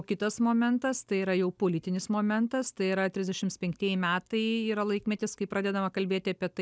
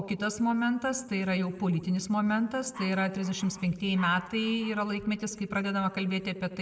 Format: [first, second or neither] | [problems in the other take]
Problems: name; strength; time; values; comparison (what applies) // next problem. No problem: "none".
first | background sound (Dog); 18 dB below the speech // room echo; dies away in 1.2 s